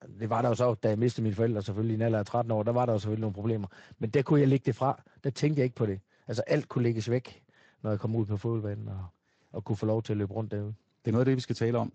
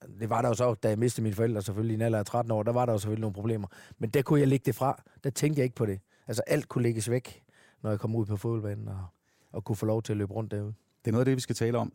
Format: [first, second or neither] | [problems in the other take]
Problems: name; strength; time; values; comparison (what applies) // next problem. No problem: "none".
second | garbled, watery; slightly; nothing above 8 kHz